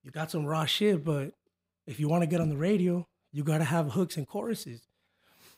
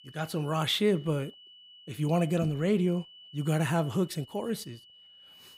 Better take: first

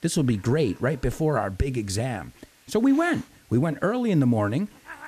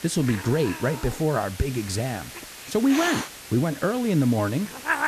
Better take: first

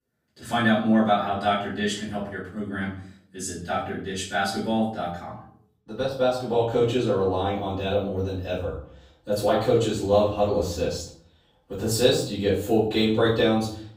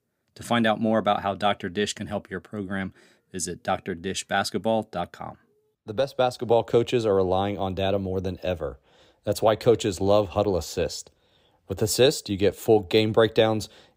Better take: second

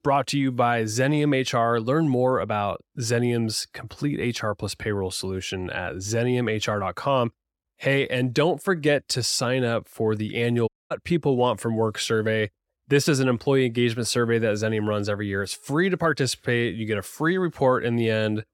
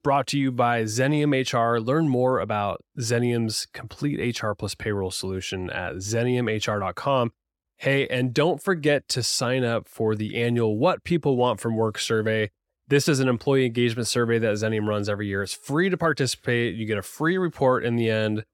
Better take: second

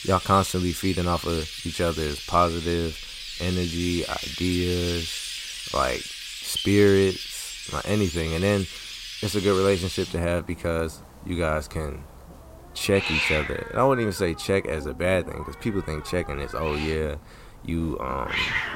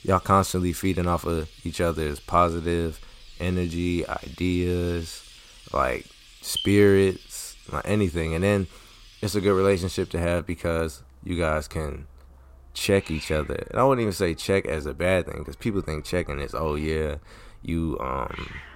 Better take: second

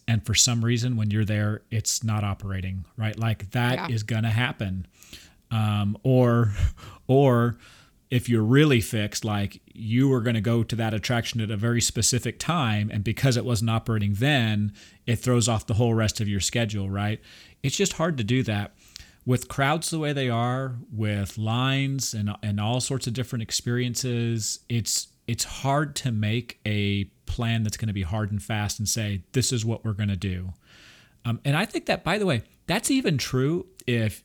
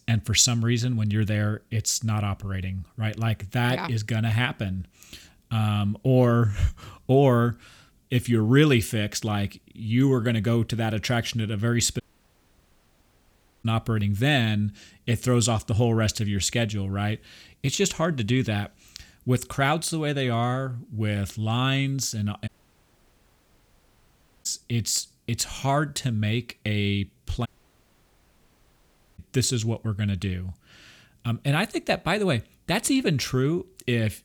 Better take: first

